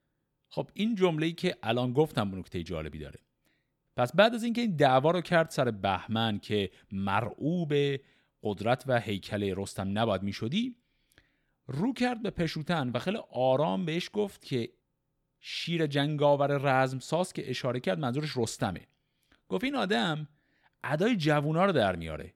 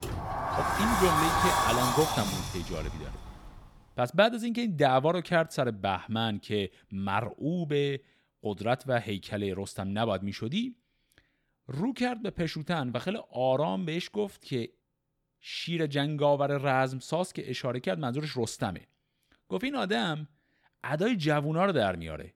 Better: first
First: none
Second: door banging; loud; until 3.5 s; peak 5 dB above the speech

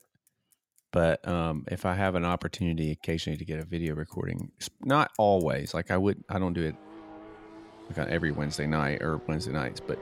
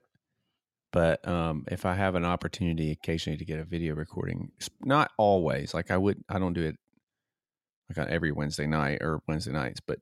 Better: second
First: traffic noise; noticeable; throughout; 20 dB below the speech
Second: none

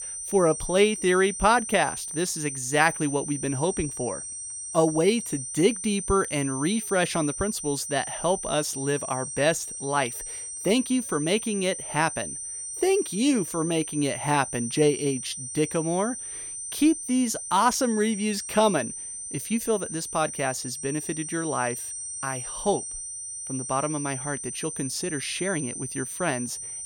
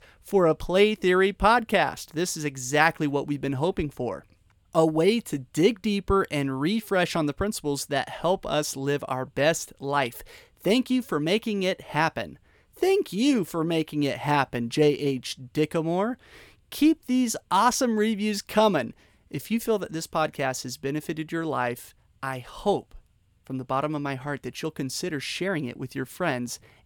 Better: second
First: high-pitched whine; loud; throughout; 9 kHz, 6 dB below the speech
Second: none

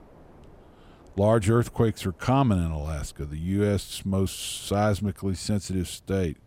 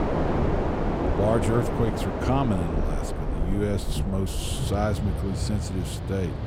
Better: first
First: train or aircraft noise; faint; throughout; 30 dB below the speech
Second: train or aircraft noise; loud; throughout; as loud as the speech

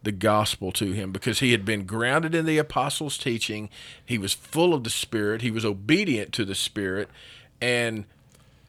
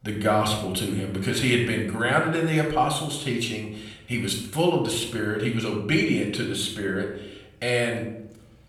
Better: first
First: none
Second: off-mic speech; somewhat distant // room echo; noticeable; dies away in 0.6 s

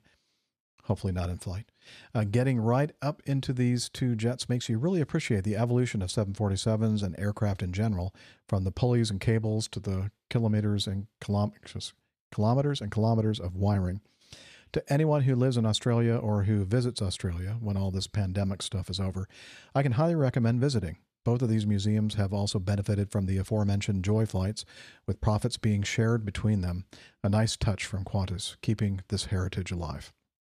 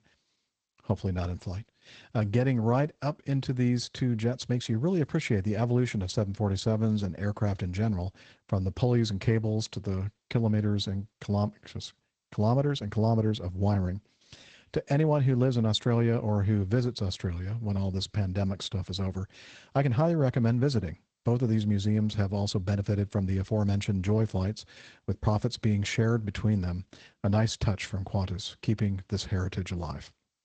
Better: first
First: none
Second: garbled, watery; slightly; nothing above 8 kHz

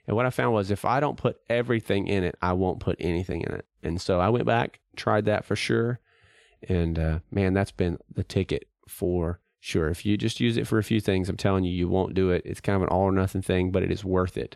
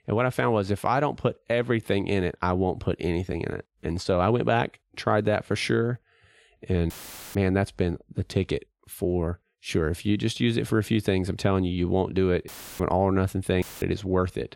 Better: first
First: none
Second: audio cutting out; filled with static; at 7 s, at 12 s and at 14 s

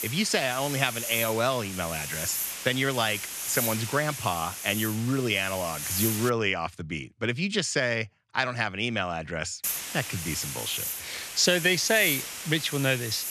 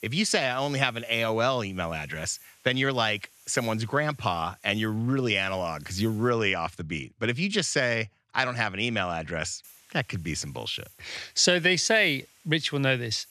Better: second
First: hiss; loud; until 6.5 s and from 9.5 s on; 4 dB below the speech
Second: hiss; faint; until 6.5 s and from 9.5 s on; 25 dB below the speech

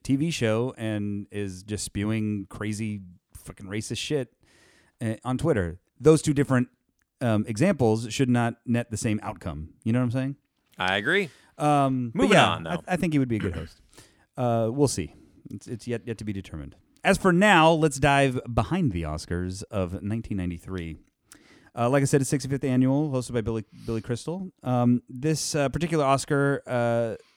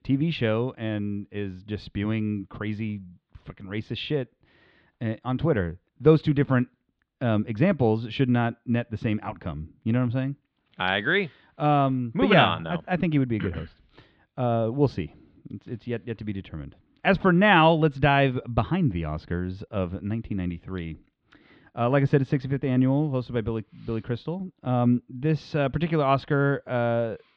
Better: first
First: none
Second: muffled; very; fading above 4 kHz

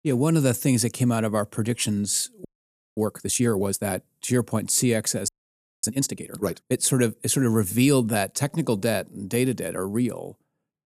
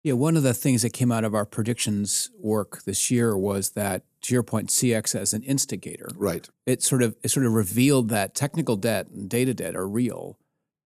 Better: second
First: audio freezing; at 2.5 s for 0.5 s and at 5.5 s for 0.5 s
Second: none

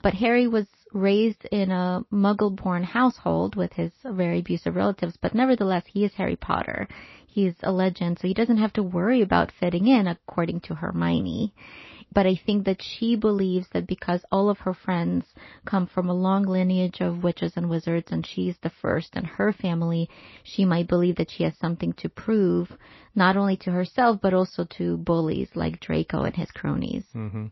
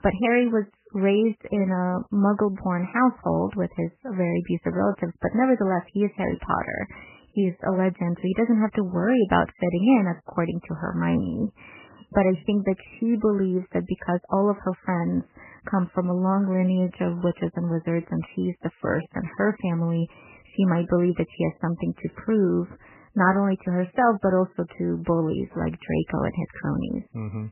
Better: first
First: garbled, watery; slightly; nothing above 5.5 kHz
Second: garbled, watery; badly; nothing above 3 kHz

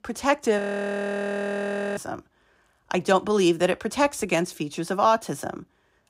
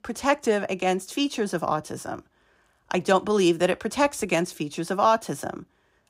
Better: second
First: audio freezing; at 0.5 s for 1.5 s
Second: none

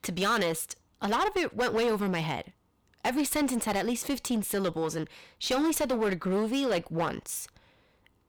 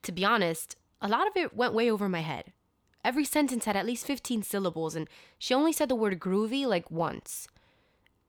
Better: second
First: distortion; heavy; 13% of the sound clipped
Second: none

